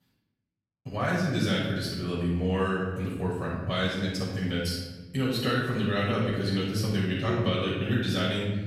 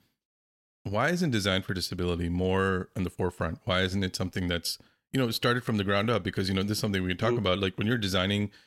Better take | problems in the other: second | off-mic speech; far // room echo; strong; dies away in 1.2 s

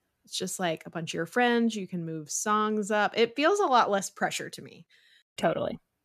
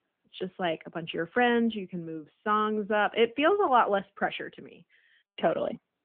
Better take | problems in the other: first | phone-call audio; nothing above 3 kHz

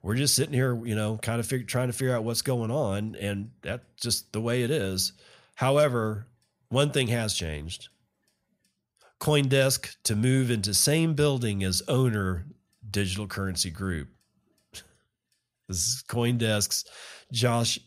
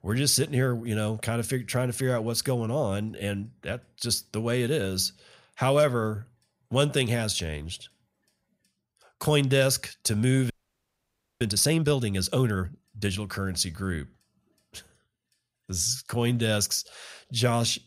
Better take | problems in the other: first | audio freezing; at 11 s for 1 s

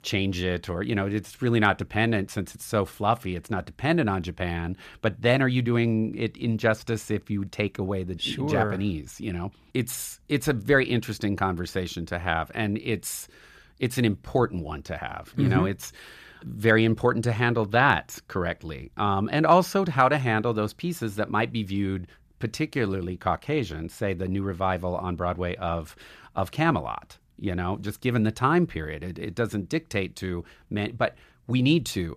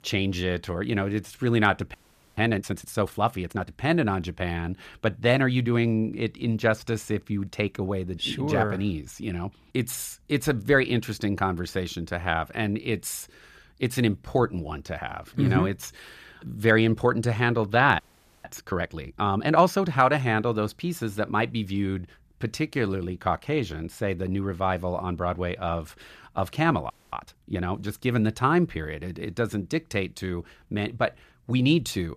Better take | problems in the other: first | audio freezing; at 2 s, at 18 s and at 27 s

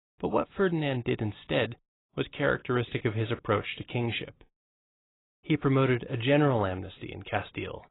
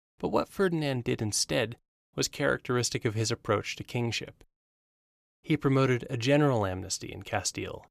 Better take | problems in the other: second | garbled, watery; badly; nothing above 4 kHz

